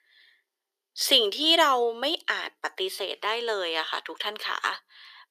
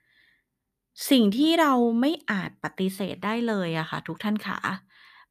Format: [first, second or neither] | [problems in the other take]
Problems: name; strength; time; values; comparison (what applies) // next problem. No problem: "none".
second | thin; very; fading below 400 Hz